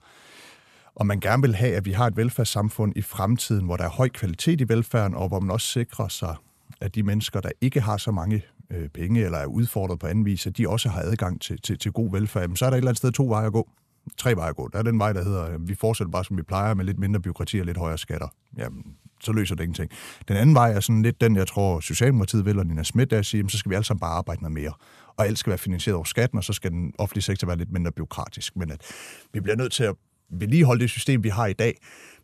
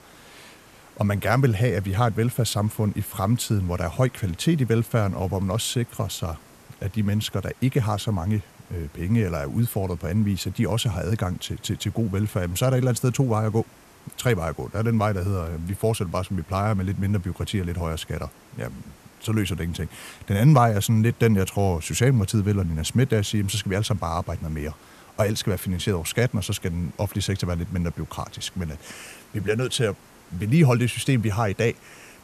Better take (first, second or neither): first